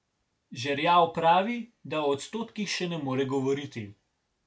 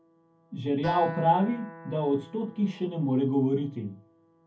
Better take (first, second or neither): first